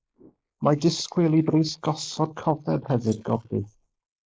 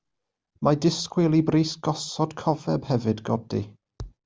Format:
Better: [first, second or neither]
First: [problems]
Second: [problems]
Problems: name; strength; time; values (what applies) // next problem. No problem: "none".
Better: second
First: noise reduction (neural mask model Resemble Enhance denoiser)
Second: none